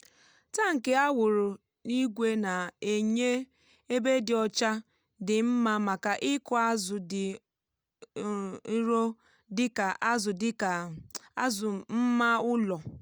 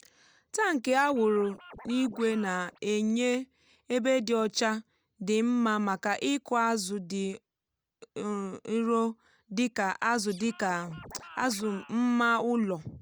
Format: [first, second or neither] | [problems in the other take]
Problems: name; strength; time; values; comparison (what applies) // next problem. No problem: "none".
first | background sound (Scratching (performance technique)); 19 dB below the speech